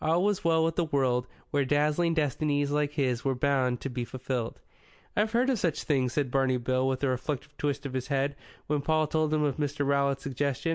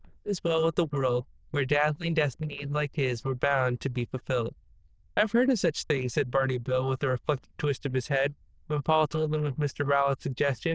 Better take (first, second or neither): first